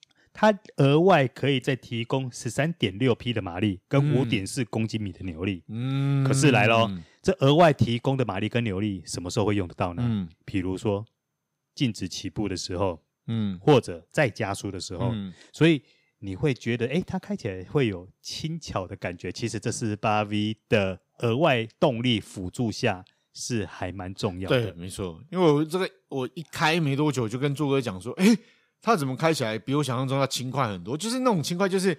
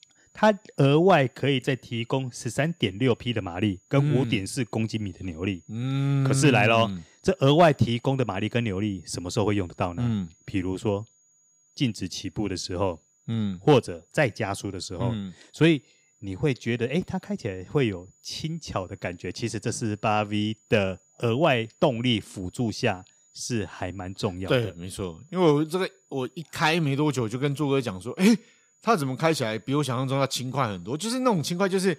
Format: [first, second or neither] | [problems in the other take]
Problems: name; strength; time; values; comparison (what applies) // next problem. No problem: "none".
first | high-pitched whine; faint; throughout; 7 kHz, 35 dB below the speech